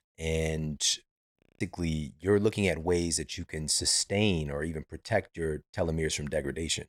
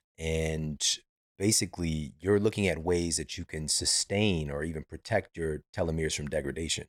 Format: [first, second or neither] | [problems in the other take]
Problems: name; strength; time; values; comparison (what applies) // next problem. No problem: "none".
second | audio freezing; at 1.5 s